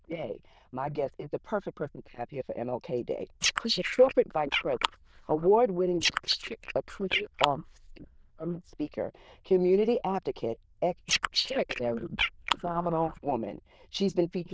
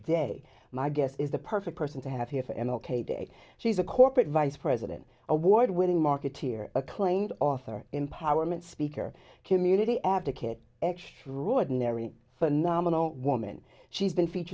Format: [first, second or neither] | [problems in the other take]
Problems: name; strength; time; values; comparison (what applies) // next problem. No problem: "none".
second | noise reduction (neural diffusion model UNIVERSE++)